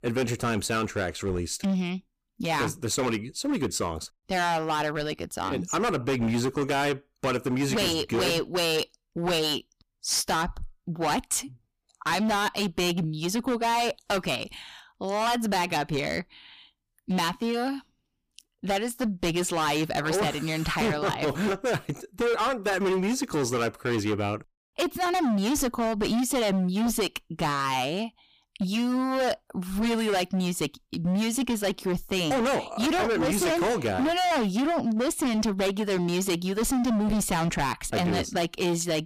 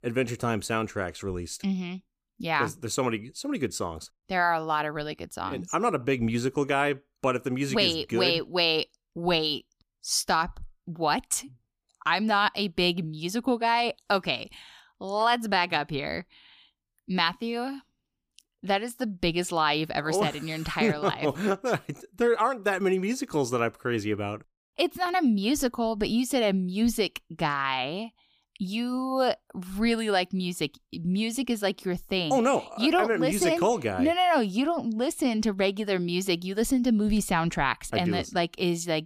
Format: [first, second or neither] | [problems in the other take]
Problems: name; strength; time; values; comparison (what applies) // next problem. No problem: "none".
second | distortion; heavy; 21% of the sound clipped